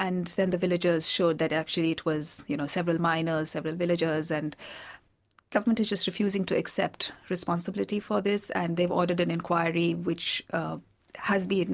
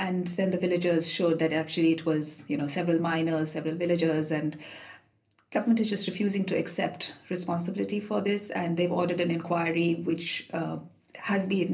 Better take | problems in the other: first | room echo; dies away in 0.3 s

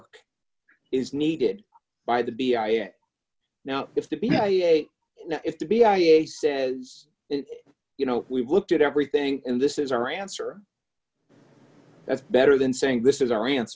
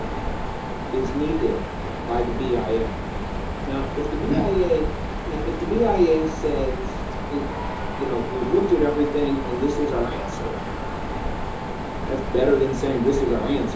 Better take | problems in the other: first | background sound (Mechanisms); 3 dB below the speech // room echo; dies away in 0.7 s

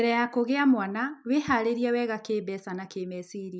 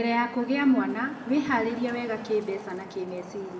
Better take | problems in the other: first | background sound (Traffic noise, roadway noise); 16 dB below the speech // room echo; dies away in 1.3 s

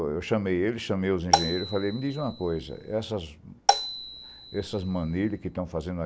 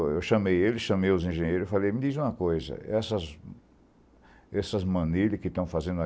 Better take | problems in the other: second | background sound (Marimba, xylophone); 1 dB below the speech

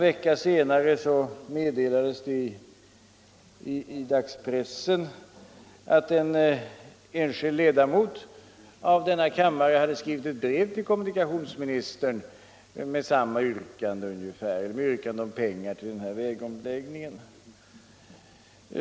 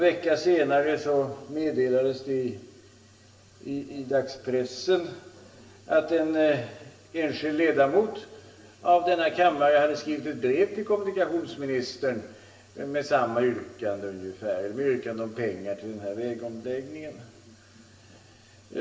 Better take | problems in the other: first | room echo; dies away in 0.8 s

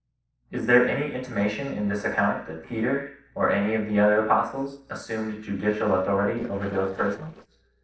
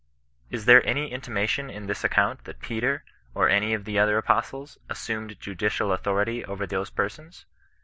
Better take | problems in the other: second | noise reduction (neural separator model SepFormer DNS4)

